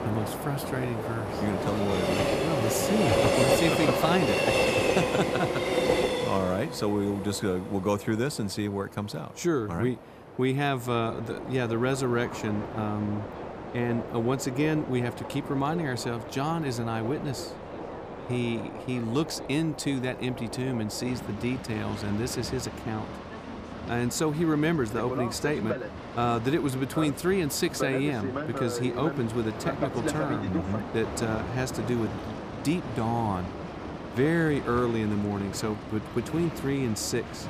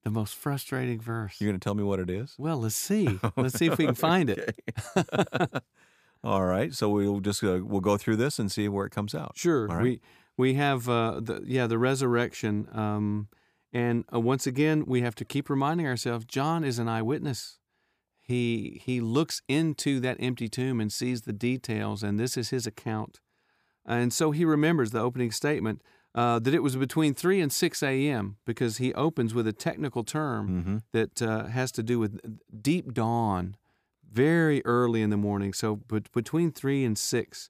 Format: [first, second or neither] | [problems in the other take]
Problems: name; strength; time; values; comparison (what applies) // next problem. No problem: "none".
second | train or aircraft noise; loud; throughout; 3 dB below the speech